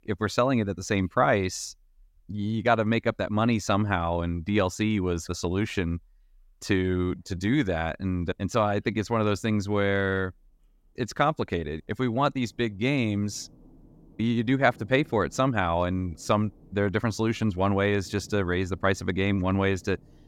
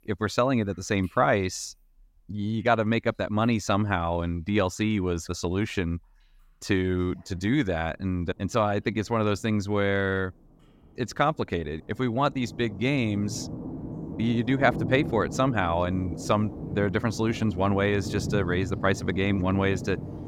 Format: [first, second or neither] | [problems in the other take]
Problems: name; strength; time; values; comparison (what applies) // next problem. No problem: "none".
first | rain or running water; loud; throughout; 9 dB below the speech; faint in the first